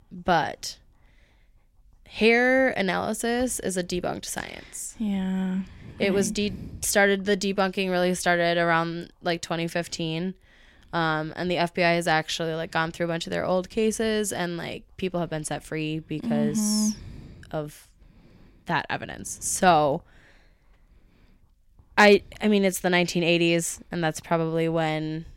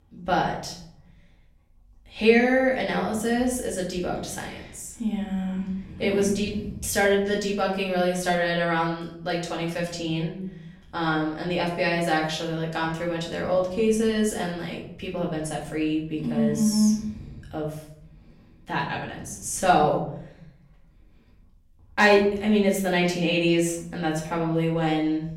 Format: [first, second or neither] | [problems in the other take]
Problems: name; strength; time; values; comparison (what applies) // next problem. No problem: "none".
first | off-mic speech; far // room echo; noticeable; dies away in 0.7 s